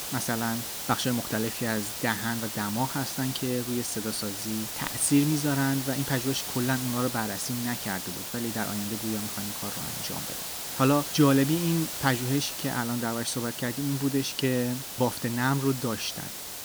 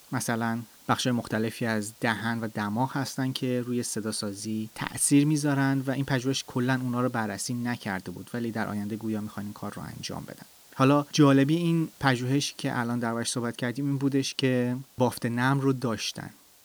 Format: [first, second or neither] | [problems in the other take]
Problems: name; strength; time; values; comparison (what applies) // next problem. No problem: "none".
second | hiss; loud; throughout; 4 dB below the speech; faint in the second